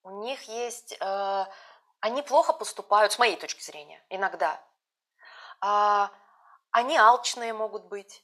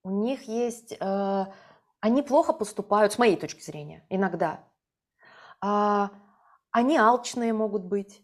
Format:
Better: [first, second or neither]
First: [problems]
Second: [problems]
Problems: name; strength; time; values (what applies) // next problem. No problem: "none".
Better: second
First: thin; very; fading below 850 Hz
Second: none